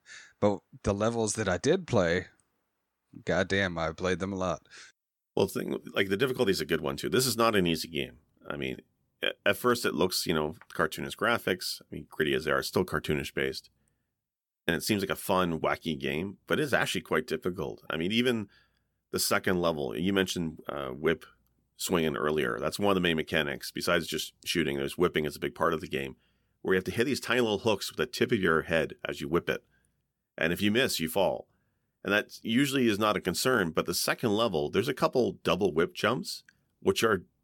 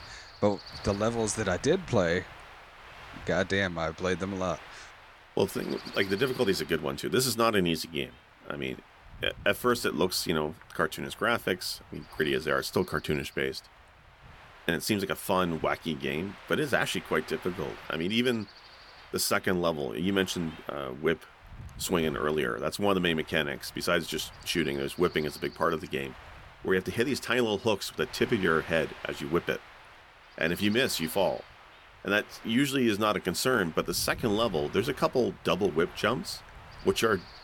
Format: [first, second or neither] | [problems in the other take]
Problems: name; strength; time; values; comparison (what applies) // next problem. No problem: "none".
first | wind noise on the microphone; occasional gusts; 15 dB below the speech